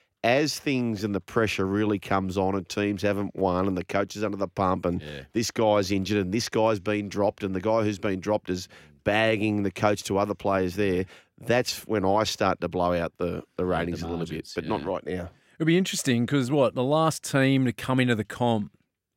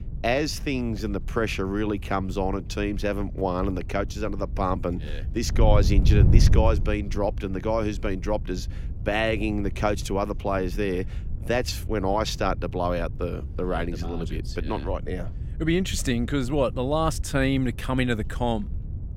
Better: first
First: none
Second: wind noise on the microphone; occasional gusts; 15 dB below the speech

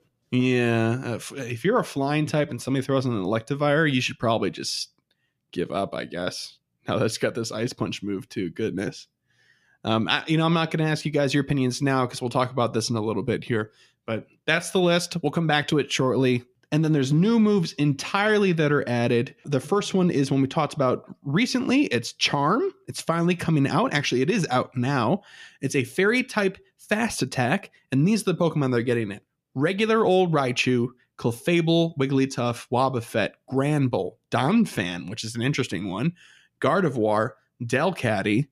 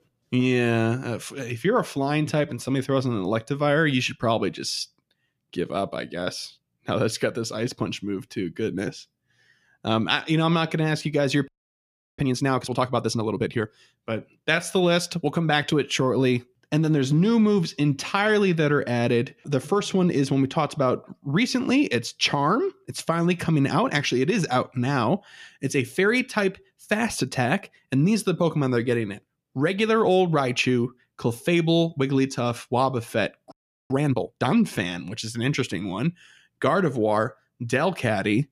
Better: first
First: none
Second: audio freezing; at 11 s for 0.5 s and at 34 s

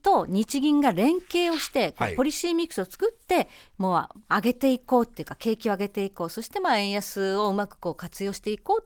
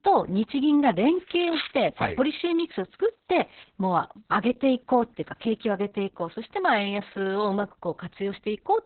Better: first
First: garbled, watery; slightly; nothing above 18 kHz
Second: garbled, watery; badly; nothing above 4 kHz

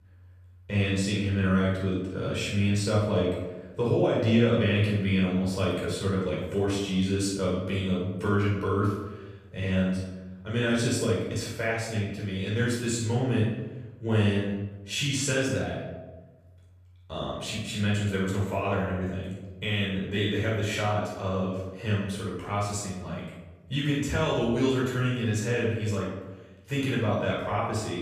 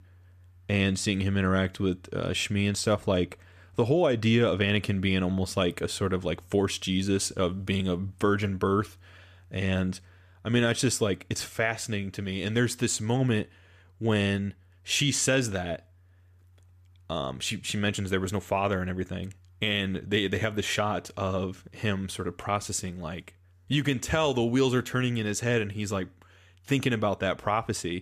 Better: second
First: room echo; noticeable; dies away in 1 s // off-mic speech; far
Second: none

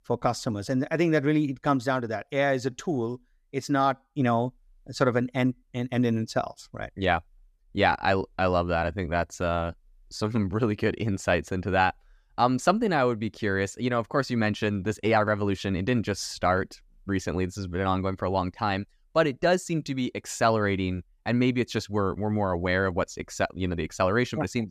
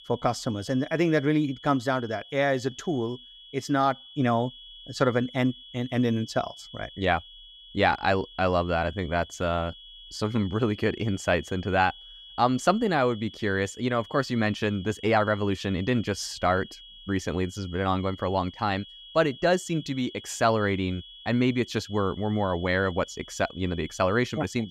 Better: first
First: none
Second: high-pitched whine; noticeable; throughout; 3.5 kHz, 20 dB below the speech

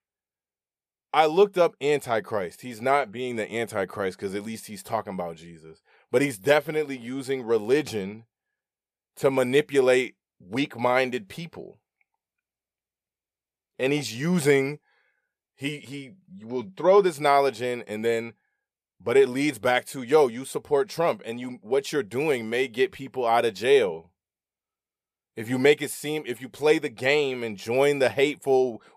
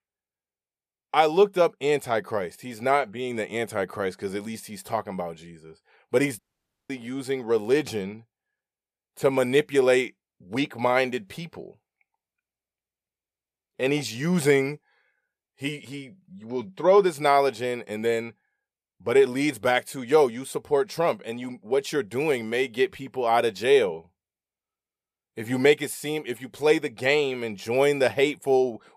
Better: first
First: none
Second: audio cutting out; at 6.5 s for 0.5 s

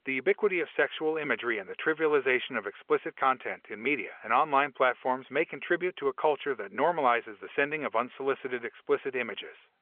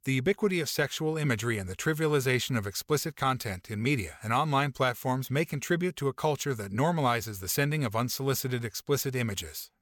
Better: second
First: phone-call audio; nothing above 3.5 kHz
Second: none

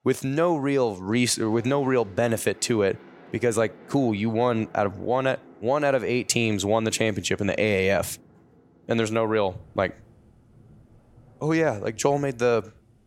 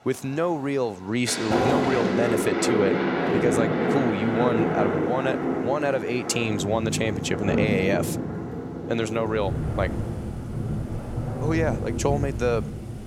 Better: first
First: rain or running water; faint; throughout; 25 dB below the speech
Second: rain or running water; loud; throughout; as loud as the speech

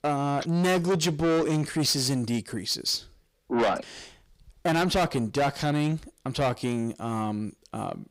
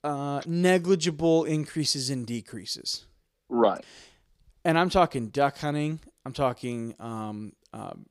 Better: second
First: distortion; heavy; 6 dB below the speech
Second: none

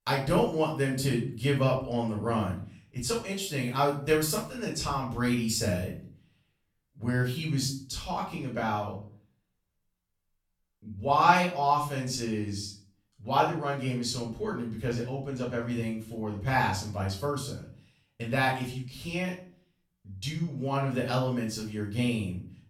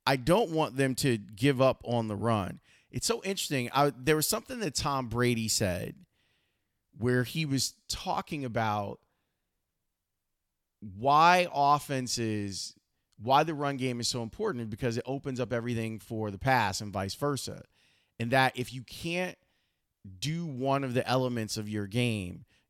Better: second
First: room echo; slight; dies away in 0.4 s // off-mic speech; far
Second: none

